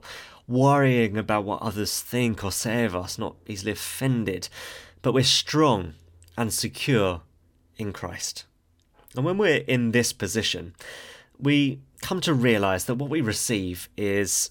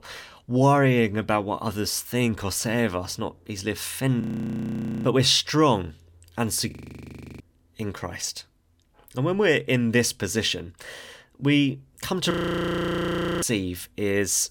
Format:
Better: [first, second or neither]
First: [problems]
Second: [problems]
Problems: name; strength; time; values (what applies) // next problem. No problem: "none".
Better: first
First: none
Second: audio freezing; at 4 s for 1 s, at 6.5 s for 0.5 s and at 12 s for 1 s